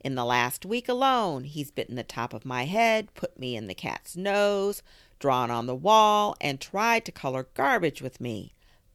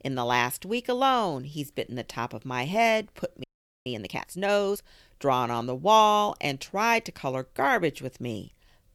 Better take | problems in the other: first | audio freezing; at 3.5 s

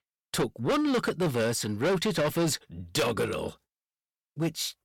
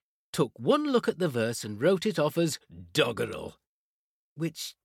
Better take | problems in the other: second | distortion; heavy; 6 dB below the speech

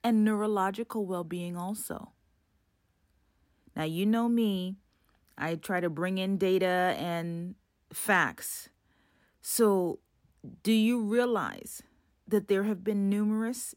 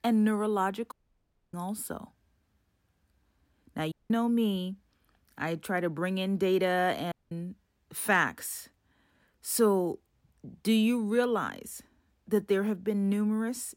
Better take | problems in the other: first | audio cutting out; at 1 s for 0.5 s, at 4 s and at 7 s

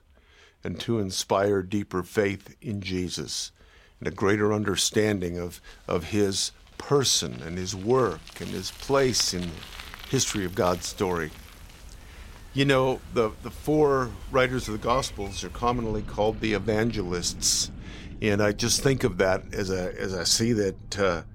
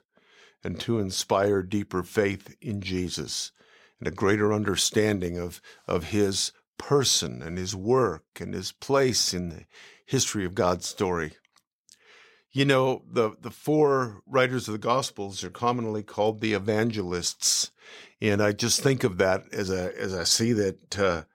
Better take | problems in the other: second | traffic noise; noticeable; throughout; 15 dB below the speech

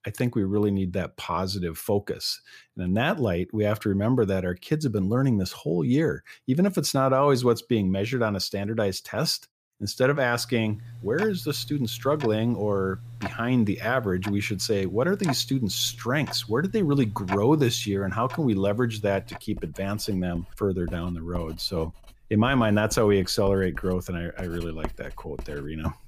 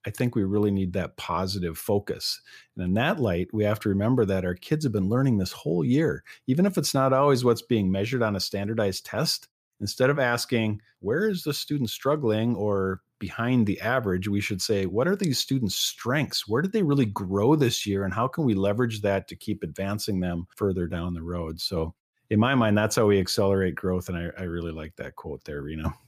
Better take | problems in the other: second | household noises; noticeable; from 10 s on; 15 dB below the speech

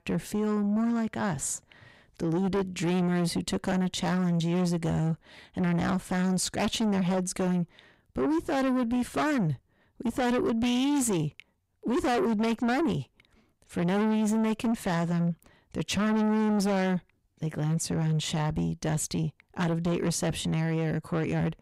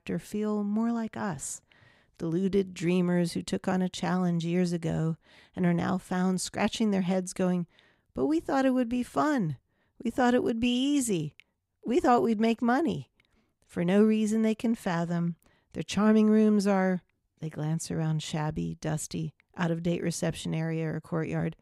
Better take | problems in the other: second | distortion; heavy; 7 dB below the speech

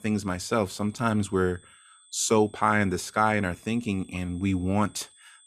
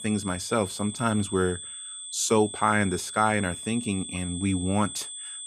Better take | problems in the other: first | high-pitched whine; loud; throughout; 8 kHz, 9 dB below the speech; faint in the first

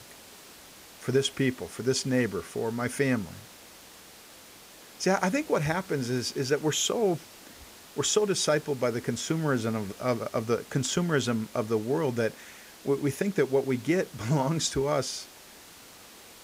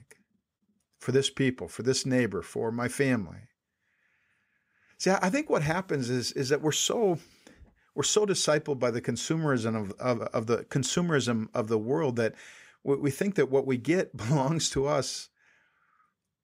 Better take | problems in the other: second | hiss; noticeable; throughout; 20 dB below the speech

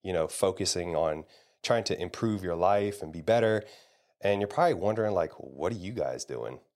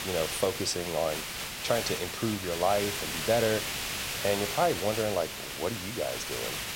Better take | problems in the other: first | hiss; loud; throughout; 2 dB below the speech

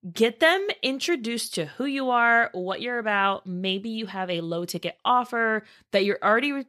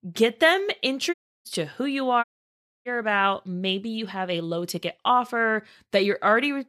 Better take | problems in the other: first | audio cutting out; at 1 s and at 2 s for 0.5 s

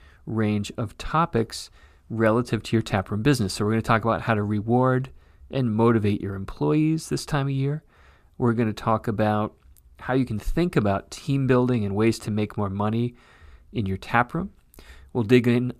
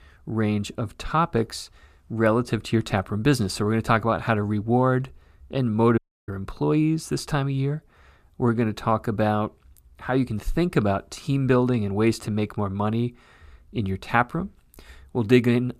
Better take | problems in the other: first | audio cutting out; at 6 s

